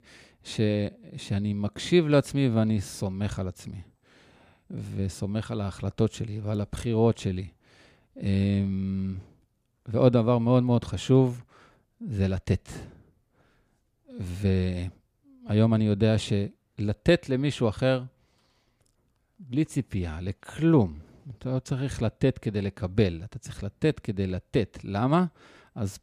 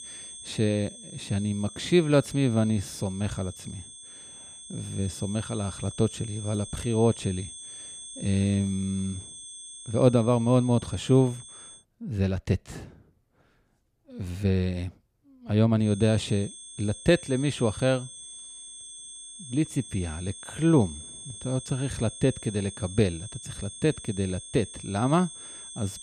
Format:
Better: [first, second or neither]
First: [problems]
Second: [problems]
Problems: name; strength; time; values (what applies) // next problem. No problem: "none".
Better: first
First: none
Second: high-pitched whine; noticeable; until 12 s and from 16 s on; 8.5 kHz, 15 dB below the speech